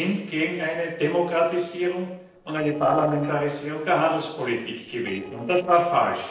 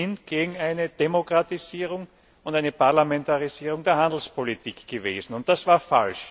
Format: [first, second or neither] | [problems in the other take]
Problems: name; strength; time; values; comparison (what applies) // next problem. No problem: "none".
second | noise reduction (neural separator model SepFormer DNS4)